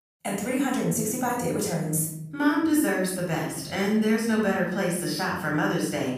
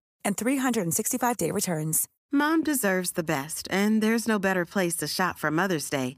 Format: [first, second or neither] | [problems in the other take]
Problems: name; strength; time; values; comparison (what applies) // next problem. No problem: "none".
second | off-mic speech; far // room echo; noticeable; dies away in 0.9 s